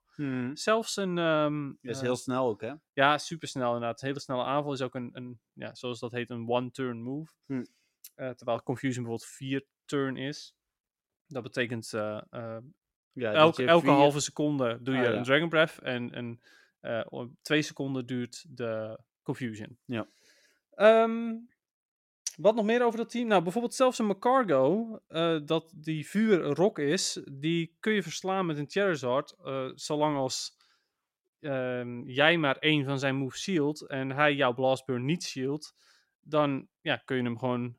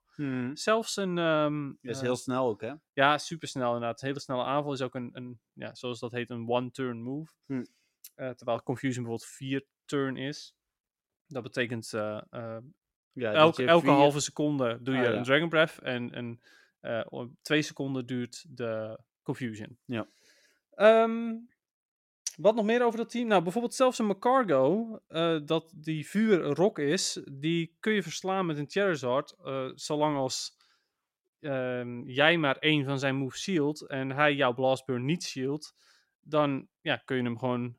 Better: neither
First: none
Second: none

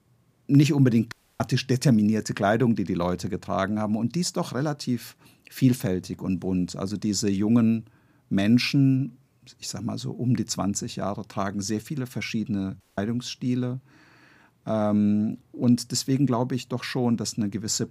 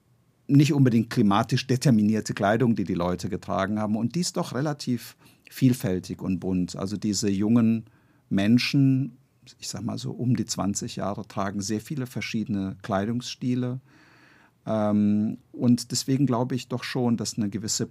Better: second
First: audio cutting out; at 1 s and at 13 s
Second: none

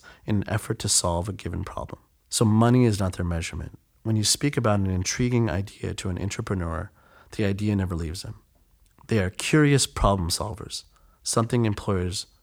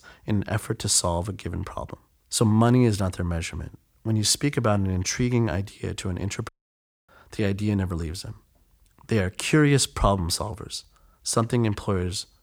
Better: first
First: none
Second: audio cutting out; at 6.5 s for 0.5 s

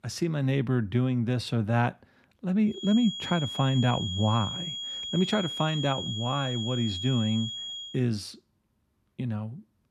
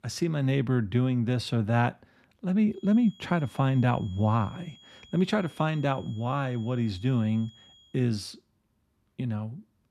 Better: second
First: high-pitched whine; loud; from 3 to 8 s; 3.5 kHz, 5 dB below the speech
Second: high-pitched whine; faint; from 3 to 8 s; 3.5 kHz, 25 dB below the speech

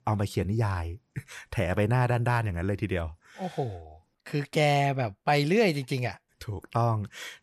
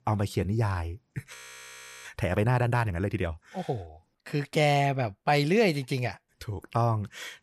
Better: first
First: none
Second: audio freezing; at 1.5 s for 0.5 s

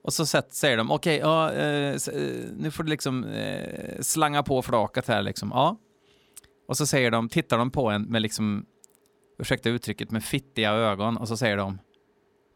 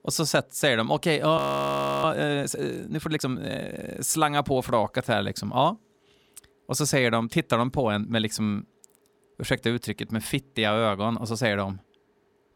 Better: first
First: none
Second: audio freezing; at 1.5 s for 0.5 s

